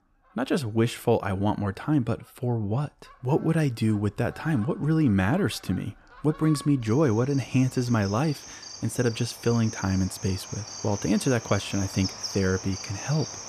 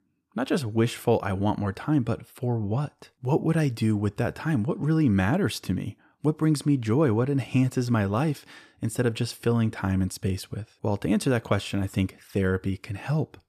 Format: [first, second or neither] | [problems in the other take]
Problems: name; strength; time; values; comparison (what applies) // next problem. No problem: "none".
second | animal sounds; noticeable; throughout; 10 dB below the speech